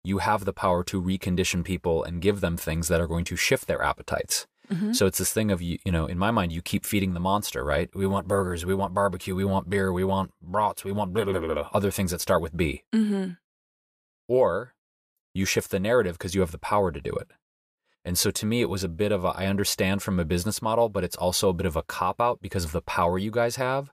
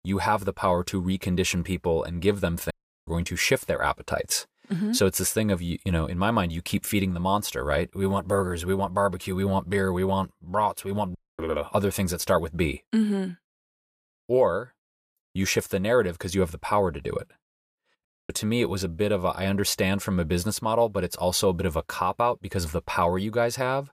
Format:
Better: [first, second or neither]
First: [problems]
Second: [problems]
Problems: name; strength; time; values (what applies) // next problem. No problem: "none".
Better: first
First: none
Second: audio cutting out; at 2.5 s, at 11 s and at 18 s